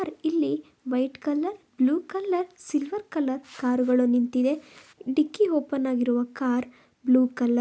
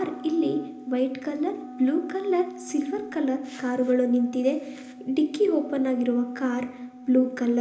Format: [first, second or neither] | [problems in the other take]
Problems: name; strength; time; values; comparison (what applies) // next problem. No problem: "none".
first | background sound (Wind instrument, woodwind instrument); 16 dB below the speech // room echo; dies away in 0.8 s